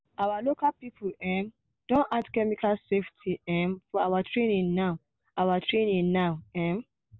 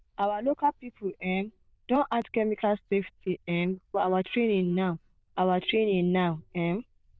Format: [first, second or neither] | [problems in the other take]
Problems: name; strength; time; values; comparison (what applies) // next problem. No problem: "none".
first | noise reduction (neural diffusion model UNIVERSE++)